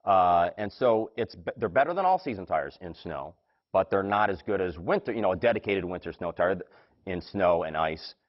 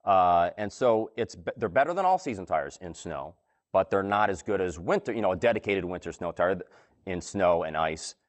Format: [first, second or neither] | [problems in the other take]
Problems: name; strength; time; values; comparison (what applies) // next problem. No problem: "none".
second | garbled, watery; badly; nothing above 5.5 kHz; slightly in the second